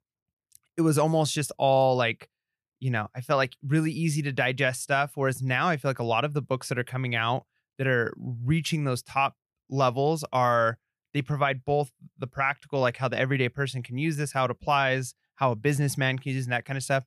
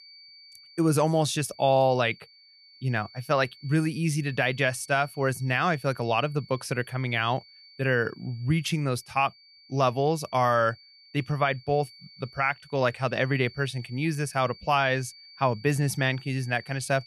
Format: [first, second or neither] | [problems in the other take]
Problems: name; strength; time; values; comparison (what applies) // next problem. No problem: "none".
first | high-pitched whine; faint; throughout; 4.5 kHz, 25 dB below the speech